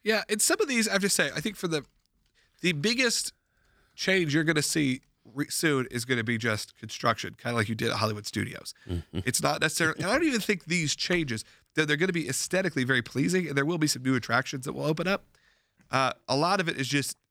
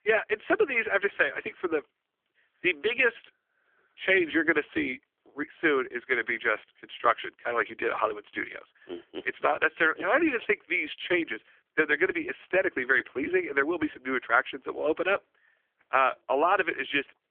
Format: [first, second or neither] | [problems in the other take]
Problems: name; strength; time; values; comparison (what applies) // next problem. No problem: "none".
first | phone-call audio; poor line; nothing above 3.5 kHz